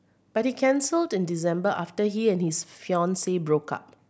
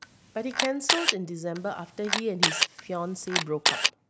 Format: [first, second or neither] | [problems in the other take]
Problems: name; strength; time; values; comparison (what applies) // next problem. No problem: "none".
first | background sound (Camera); 4 dB above the speech